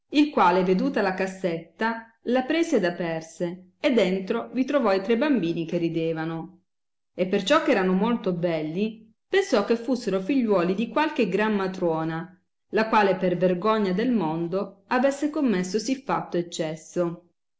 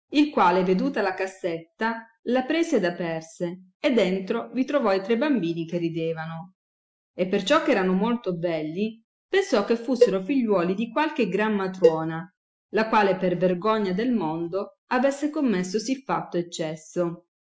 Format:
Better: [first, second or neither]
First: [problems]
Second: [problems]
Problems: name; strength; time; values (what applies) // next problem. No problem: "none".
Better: first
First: none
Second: noise reduction (classical method Wiener filter)